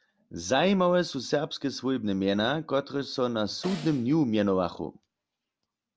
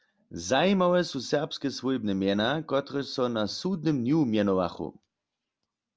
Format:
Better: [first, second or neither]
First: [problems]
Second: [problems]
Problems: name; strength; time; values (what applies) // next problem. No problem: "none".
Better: second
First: background sound (Snare drum); 17 dB below the speech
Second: none